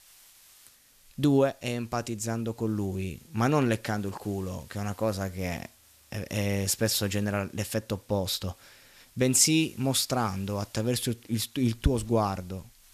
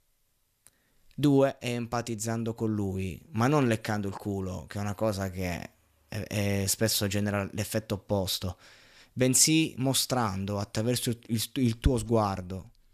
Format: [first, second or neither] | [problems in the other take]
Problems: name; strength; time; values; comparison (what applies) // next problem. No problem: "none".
second | hiss; faint; throughout; 25 dB below the speech